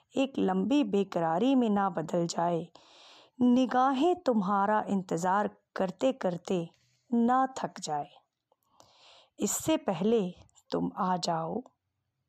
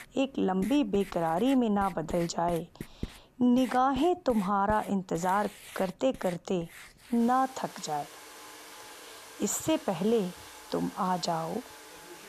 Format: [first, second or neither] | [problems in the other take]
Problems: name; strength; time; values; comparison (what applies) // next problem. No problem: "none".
first | household noises; noticeable; throughout; 15 dB below the speech